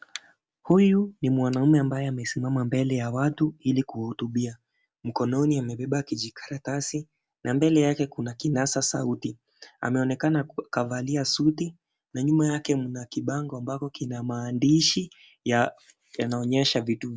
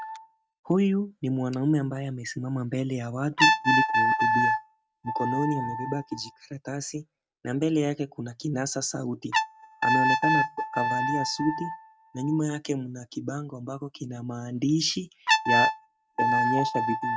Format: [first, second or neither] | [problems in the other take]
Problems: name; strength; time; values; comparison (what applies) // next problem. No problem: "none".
first | noise reduction (neural mask model RNNoise)